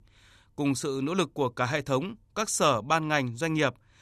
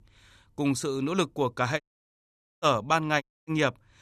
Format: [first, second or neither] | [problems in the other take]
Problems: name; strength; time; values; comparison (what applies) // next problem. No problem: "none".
first | audio cutting out; at 2 s for 1 s and at 3 s